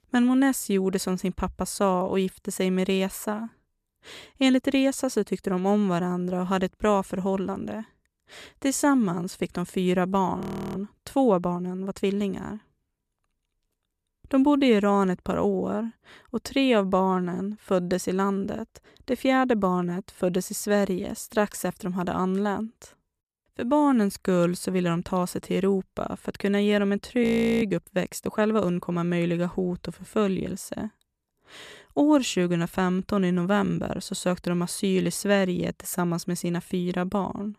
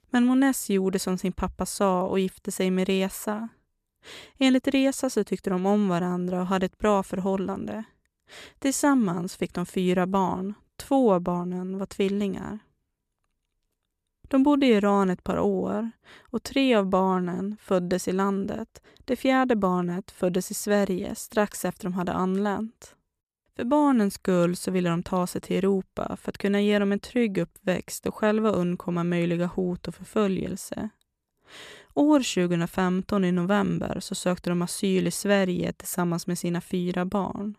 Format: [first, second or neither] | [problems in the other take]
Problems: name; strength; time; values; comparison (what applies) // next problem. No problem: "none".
second | audio freezing; at 10 s and at 27 s